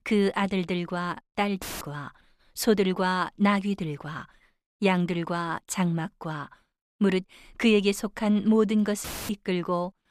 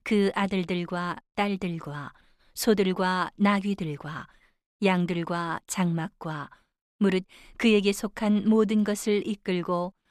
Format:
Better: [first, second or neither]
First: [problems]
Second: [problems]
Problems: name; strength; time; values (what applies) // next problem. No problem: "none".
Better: second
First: audio cutting out; filled with static; at 1.5 s and at 9 s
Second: none